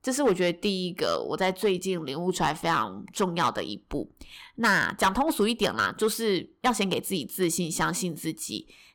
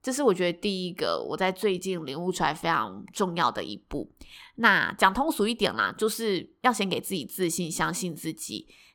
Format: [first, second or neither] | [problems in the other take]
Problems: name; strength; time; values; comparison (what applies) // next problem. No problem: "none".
second | distortion; slight; 3% of the sound clipped